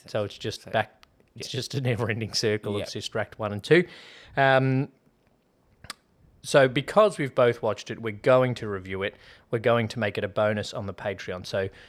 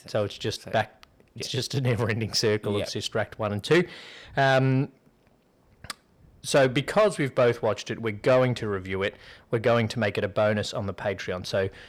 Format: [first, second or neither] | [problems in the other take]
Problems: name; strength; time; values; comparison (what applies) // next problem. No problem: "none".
first | distortion; slight; 10 dB below the speech